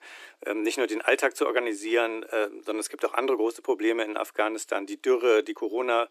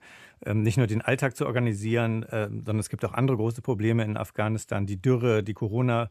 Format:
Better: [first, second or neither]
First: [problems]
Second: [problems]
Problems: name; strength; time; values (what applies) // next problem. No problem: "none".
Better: second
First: thin; very; fading below 300 Hz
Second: none